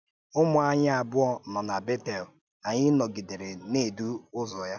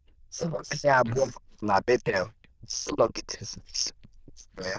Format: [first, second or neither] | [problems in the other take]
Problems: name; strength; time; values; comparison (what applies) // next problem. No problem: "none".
first | noise reduction (neural diffusion model UNIVERSE++)